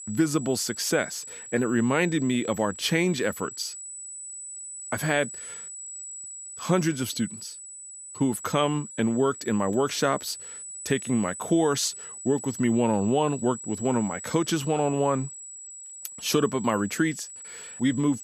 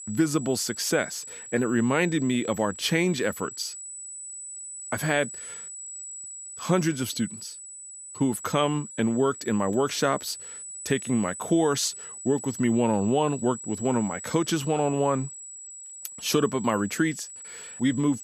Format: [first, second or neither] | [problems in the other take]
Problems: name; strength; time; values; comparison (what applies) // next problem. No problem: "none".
neither | high-pitched whine; noticeable; throughout; 8 kHz, 10 dB below the speech; the same in both